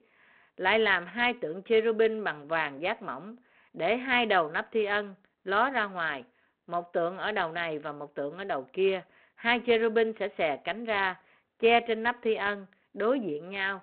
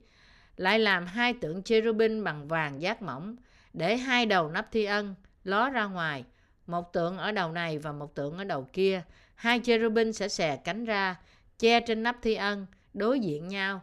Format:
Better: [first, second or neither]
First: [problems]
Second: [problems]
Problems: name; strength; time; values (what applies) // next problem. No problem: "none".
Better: second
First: phone-call audio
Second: none